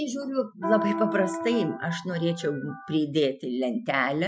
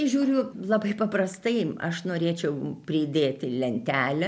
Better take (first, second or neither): second